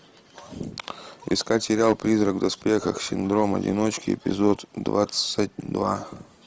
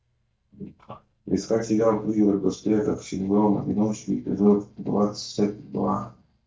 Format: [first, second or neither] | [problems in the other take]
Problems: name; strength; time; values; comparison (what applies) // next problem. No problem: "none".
first | noise reduction (neural mask model DeepFilterNet 3)